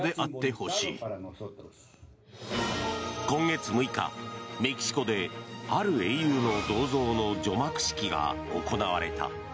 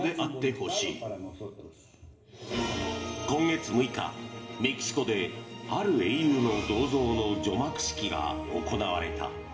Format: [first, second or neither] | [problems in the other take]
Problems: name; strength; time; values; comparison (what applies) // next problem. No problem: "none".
first | room echo; dies away in 2.3 s